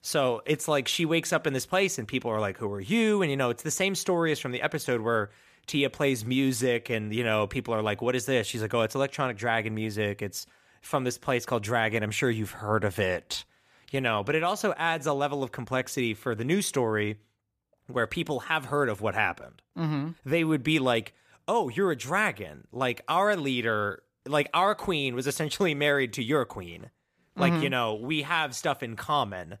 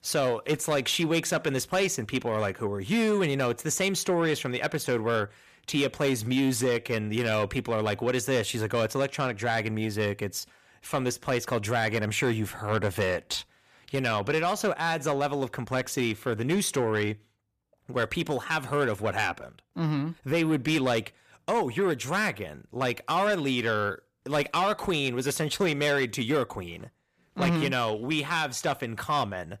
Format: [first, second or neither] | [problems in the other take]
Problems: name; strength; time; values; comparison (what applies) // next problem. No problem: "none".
first | distortion; slight; 10 dB below the speech